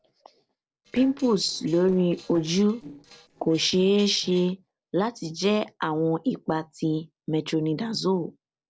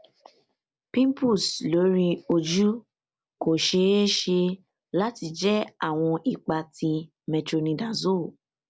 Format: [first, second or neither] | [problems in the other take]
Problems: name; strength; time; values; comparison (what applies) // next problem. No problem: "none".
second | noise reduction (neural separator model SepFormer DNS4)